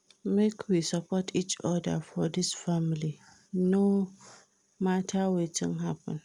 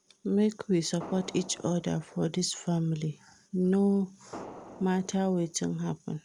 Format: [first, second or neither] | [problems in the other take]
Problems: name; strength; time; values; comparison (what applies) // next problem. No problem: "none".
first | background sound (Fireworks); 16 dB below the speech